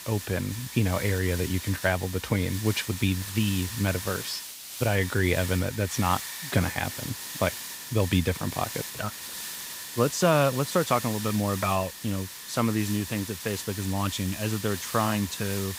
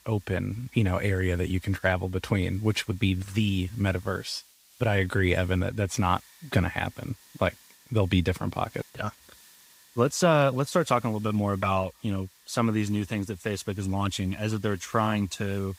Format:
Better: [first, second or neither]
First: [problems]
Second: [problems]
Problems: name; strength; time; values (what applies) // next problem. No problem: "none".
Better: second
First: hiss; loud; throughout; 8 dB below the speech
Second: hiss; faint; throughout; 25 dB below the speech